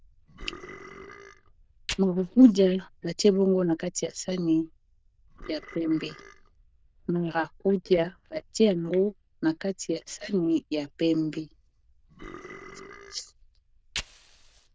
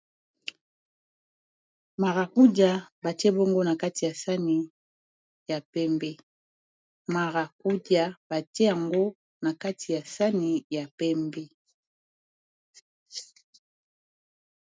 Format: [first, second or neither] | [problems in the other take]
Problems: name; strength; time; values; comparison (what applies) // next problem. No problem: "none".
second | noise reduction (neural diffusion model UNIVERSE++)